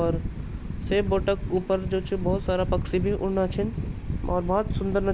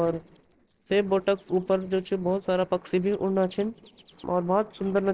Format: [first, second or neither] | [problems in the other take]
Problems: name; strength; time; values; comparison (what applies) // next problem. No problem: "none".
first | noise reduction (neural separator model SepFormer DNS4)